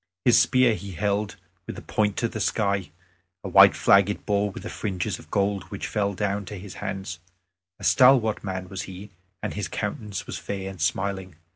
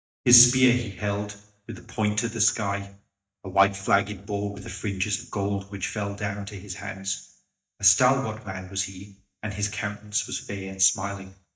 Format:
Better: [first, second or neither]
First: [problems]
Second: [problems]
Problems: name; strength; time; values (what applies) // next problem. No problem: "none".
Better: first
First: none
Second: noise reduction (neural mask model DeepFilterNet 3)